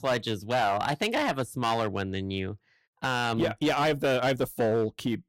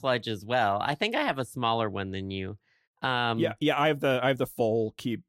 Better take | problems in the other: second | distortion; slight; 10% of the sound clipped

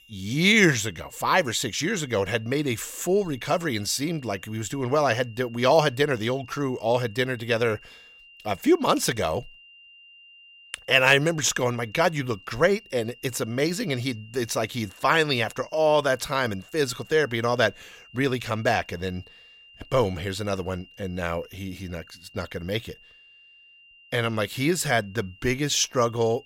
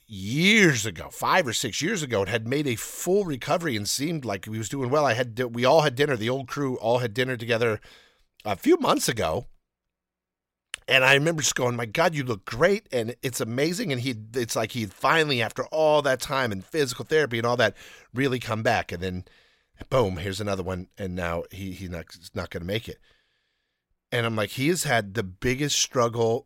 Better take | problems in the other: second | high-pitched whine; faint; throughout; 3 kHz, 25 dB below the speech

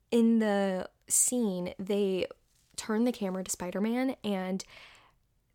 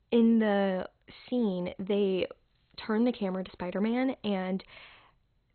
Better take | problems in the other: first | garbled, watery; badly; nothing above 4 kHz

